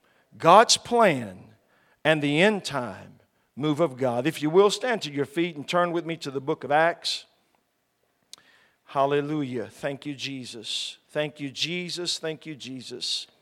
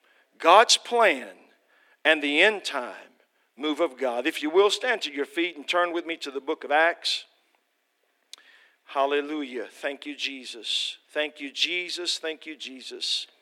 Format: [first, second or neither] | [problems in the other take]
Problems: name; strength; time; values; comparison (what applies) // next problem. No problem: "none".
first | thin; very slightly; fading below 300 Hz